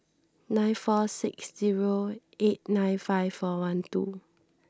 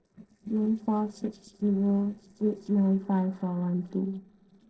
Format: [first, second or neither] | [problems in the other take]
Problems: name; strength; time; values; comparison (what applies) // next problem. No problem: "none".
first | noise reduction (neural separator model SepFormer DNS4)